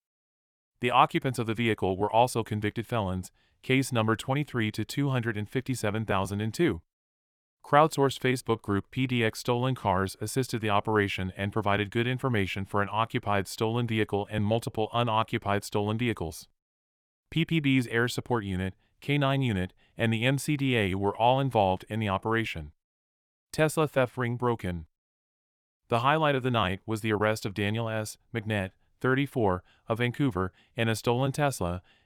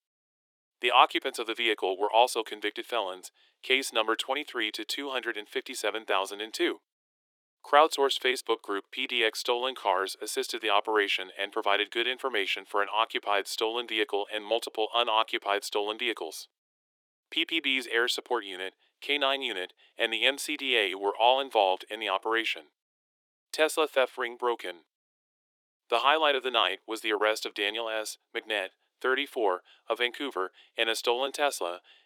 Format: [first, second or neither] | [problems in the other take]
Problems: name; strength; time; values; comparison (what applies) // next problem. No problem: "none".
first | thin; very; fading below 350 Hz